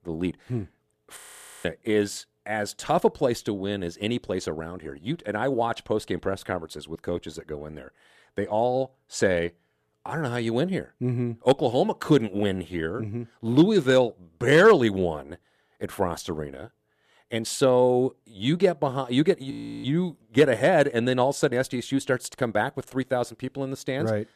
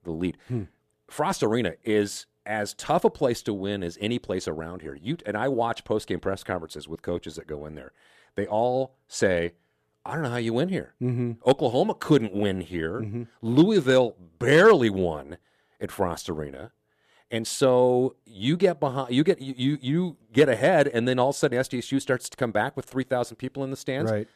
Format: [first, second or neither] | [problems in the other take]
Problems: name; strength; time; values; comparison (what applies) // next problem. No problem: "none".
second | audio freezing; at 1 s and at 20 s